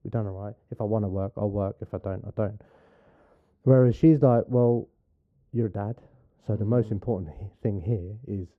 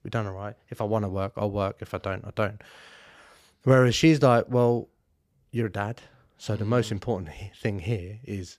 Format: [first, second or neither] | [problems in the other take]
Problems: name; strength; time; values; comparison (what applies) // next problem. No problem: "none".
second | muffled; very; fading above 1.5 kHz